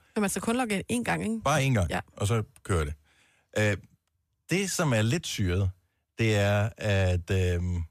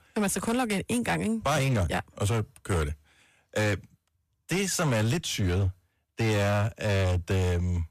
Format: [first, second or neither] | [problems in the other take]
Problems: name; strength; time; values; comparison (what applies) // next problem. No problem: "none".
first | distortion; slight; 14% of the sound clipped